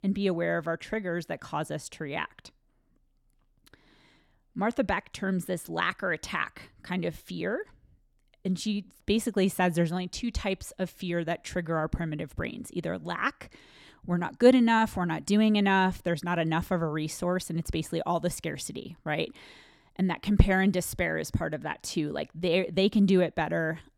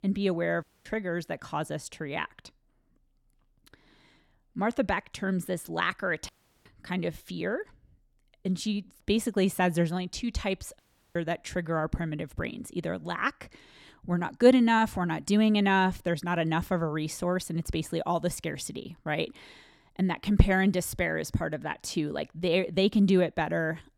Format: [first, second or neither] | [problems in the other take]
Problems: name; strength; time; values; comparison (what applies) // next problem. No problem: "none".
first | audio cutting out; at 0.5 s, at 6.5 s and at 11 s